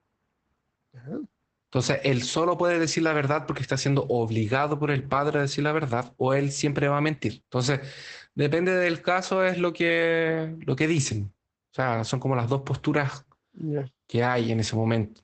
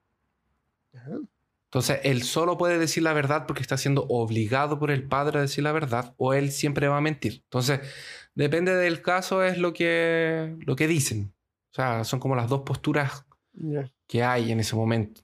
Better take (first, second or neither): second